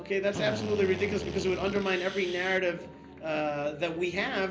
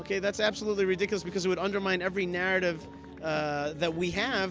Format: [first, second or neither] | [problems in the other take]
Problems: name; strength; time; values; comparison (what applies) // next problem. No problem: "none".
second | background sound (Drill); 9 dB below the speech // room echo; dies away in 0.5 s